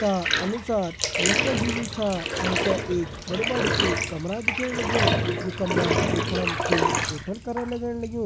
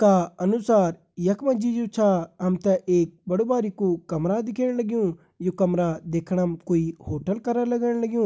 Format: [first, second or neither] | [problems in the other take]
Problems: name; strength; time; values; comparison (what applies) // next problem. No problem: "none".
second | background sound (Bathtub (filling or washing)); 3 dB above the speech